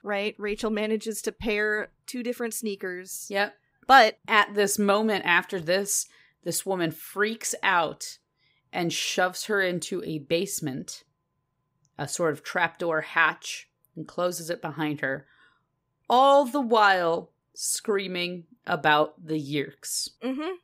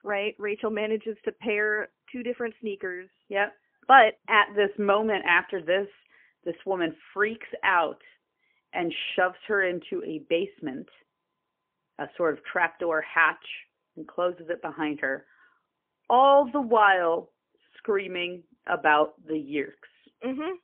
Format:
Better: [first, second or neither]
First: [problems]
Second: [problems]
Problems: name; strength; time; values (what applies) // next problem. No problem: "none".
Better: first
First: none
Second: phone-call audio; poor line; nothing above 3 kHz